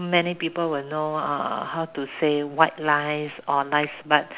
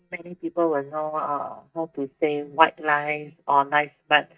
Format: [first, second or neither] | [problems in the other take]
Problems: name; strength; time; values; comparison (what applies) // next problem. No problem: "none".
first | noise reduction (neural mask model DeepFilterNet 3)